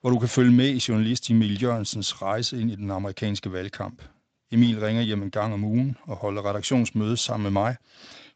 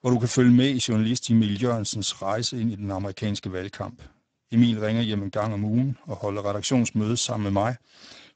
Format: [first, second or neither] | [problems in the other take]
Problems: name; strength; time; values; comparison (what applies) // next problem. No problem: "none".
first | garbled, watery; badly; nothing above 8 kHz; slightly in the first